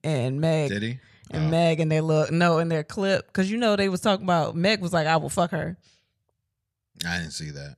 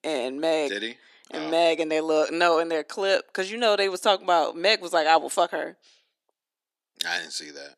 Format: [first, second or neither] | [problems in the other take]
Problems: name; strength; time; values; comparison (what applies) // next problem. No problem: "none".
first | thin; very; fading below 300 Hz